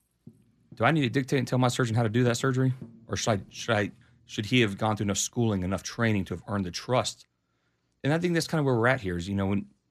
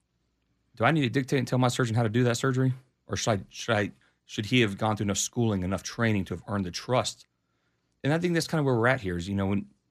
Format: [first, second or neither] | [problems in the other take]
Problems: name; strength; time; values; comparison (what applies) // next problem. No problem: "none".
second | background music; faint; until 6.5 s; 25 dB below the speech